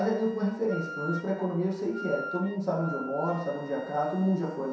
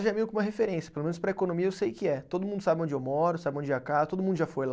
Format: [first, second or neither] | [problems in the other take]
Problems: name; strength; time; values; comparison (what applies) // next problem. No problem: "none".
second | background sound (Wind instrument, woodwind instrument); 12 dB below the speech // room echo; dies away in 0.7 s